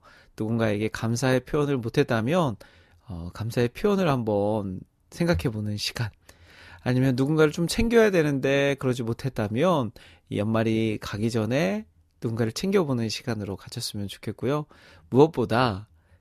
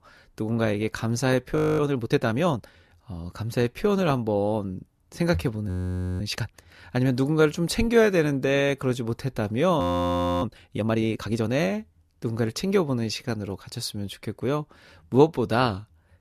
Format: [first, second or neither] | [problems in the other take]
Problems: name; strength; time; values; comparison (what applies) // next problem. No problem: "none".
first | audio freezing; at 1.5 s, at 5.5 s for 0.5 s and at 10 s for 0.5 s